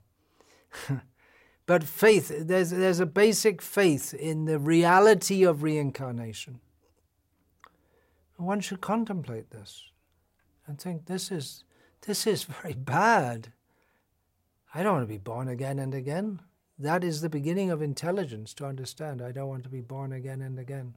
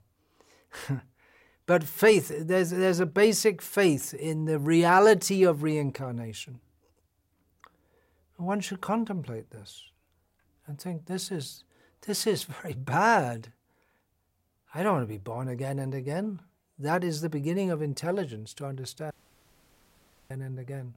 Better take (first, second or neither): first